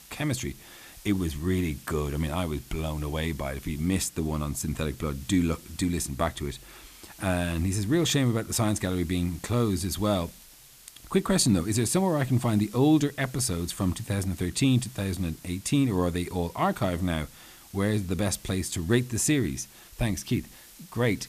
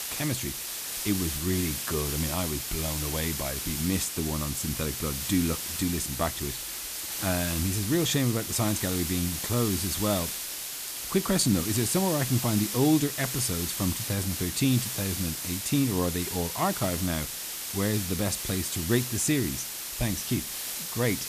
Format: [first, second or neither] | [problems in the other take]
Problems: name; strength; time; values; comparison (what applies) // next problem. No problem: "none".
first | hiss; loud; throughout; 2 dB below the speech; faint in the first